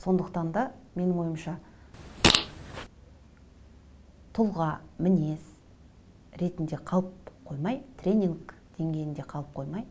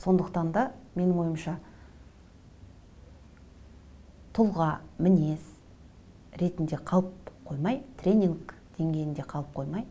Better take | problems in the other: second | background sound (Fart); 5 dB above the speech

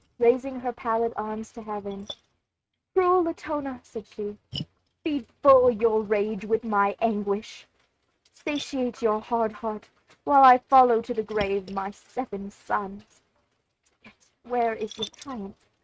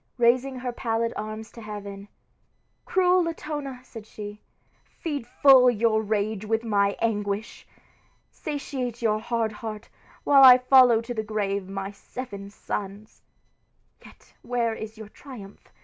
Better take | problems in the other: second | noise reduction (neural mask model RNNoise)

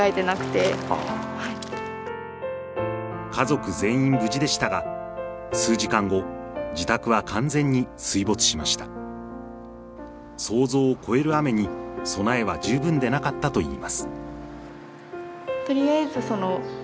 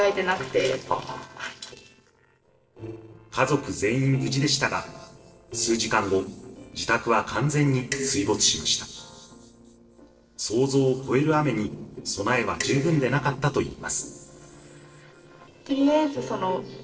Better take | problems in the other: first | noise reduction (neural separator model SepFormer DNS4)

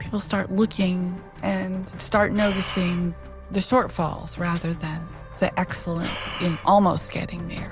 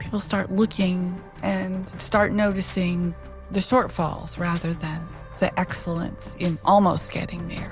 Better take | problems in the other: second | background sound (Breathing); 11 dB below the speech

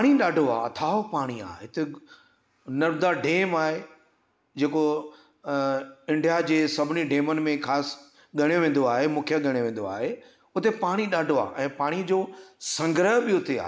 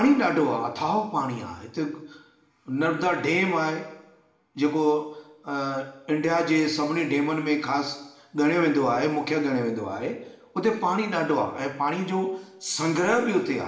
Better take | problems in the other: first | room echo; dies away in 0.8 s

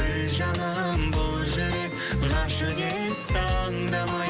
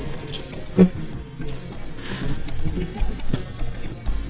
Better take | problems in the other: first | noise reduction (neural mask model DeepFilterNet 3)

